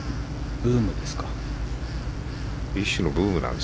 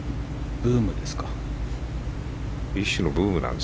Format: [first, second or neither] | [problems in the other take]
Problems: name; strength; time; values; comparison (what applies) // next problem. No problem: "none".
second | background sound (Tools); 20 dB below the speech